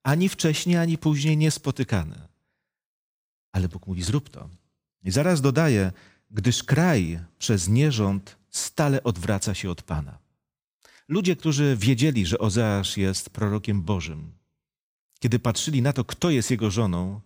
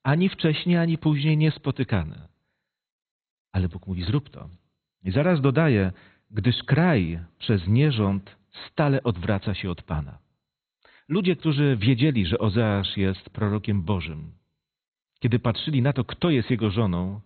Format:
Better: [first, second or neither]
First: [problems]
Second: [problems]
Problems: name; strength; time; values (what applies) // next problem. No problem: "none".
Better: first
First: none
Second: garbled, watery; badly; nothing above 4 kHz